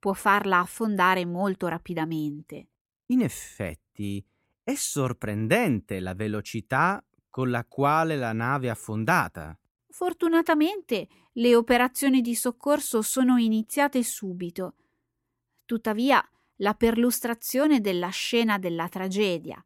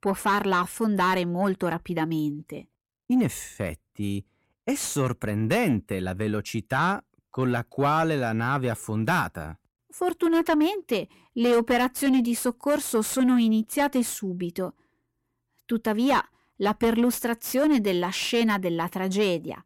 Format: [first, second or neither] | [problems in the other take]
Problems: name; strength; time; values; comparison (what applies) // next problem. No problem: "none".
first | distortion; slight; 10 dB below the speech